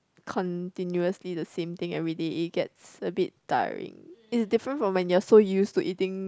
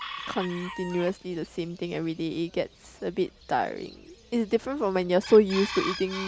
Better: first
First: none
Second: background sound (Chicken, rooster); 13 dB below the speech

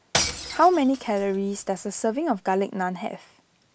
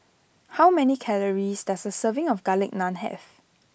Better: second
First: background sound (Shatter / Crushing); 8 dB below the speech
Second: none

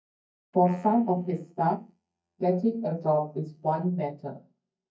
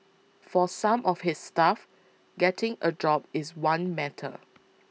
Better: second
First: noise reduction (neural mask model DeepFilterNet 3)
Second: none

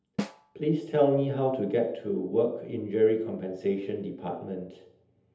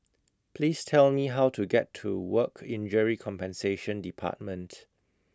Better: second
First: background sound (Snare drum); 11 dB below the speech // room echo; dies away in 0.8 s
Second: none

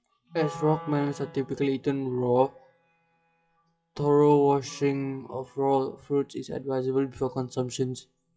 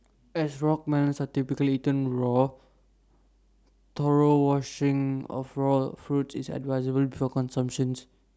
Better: second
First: noise reduction (classical method WPE with log-MMSE)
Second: none

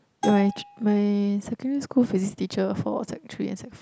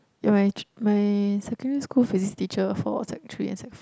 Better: second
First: background sound (Bell); 11 dB below the speech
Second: none

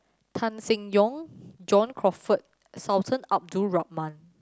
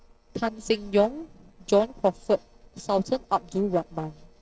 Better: first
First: none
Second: noise reduction (neural separator model SepFormer DNS4)

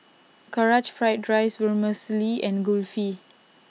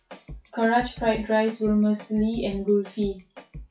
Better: first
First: none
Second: noise reduction (classical method WPE with log-MMSE)

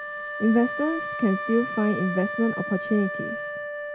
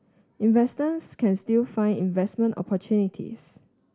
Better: second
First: background sound (Wind instrument, woodwind instrument); 6 dB below the speech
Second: none

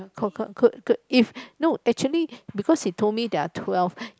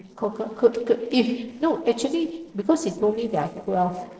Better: first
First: none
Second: noise reduction (neural separator model SepFormer DNS4)

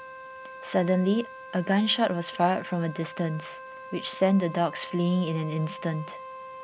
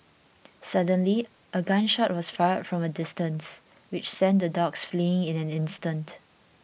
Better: second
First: background sound (Wind instrument, woodwind instrument); 14 dB below the speech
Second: none

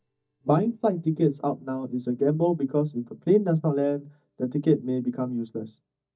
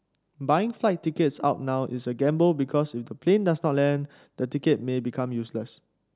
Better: second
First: noise reduction (neural mask model DeepFilterNet 3)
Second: none

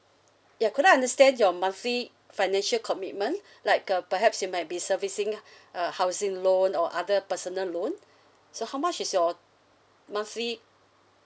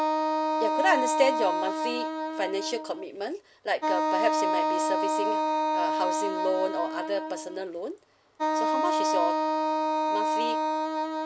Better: first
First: none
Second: background sound (Wind instrument, woodwind instrument); 4 dB above the speech

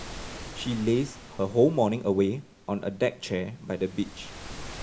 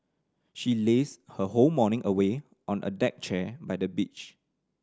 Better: second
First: background sound (Waves, surf); 15 dB below the speech // room echo; dies away in 0.4 s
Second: none

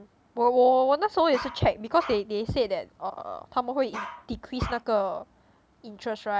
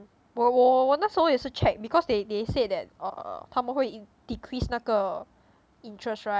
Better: second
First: background sound (Bark); 13 dB below the speech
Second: none

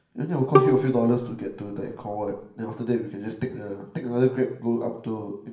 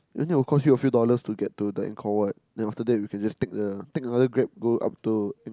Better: second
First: background sound (Bowed string instrument); as loud as the speech // room echo; dies away in 0.9 s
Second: none

